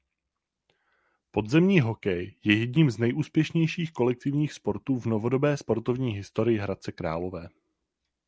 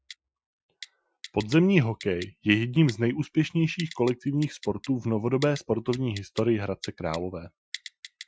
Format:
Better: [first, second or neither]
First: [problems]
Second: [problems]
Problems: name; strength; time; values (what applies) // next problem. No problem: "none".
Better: first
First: none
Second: noise reduction (classical method Wiener filter)